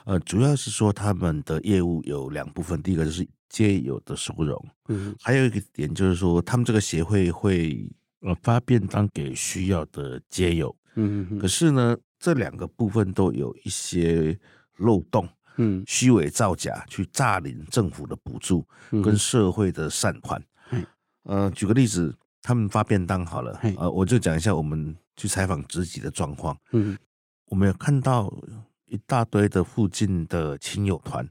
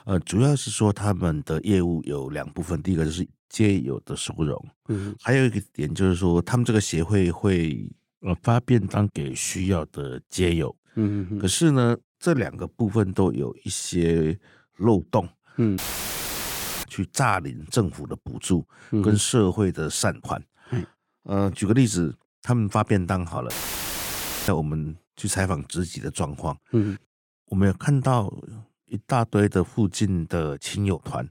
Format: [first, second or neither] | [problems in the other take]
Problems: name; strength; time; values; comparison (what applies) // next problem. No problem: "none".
first | audio cutting out; filled with static; at 16 s for 1 s and at 24 s for 1 s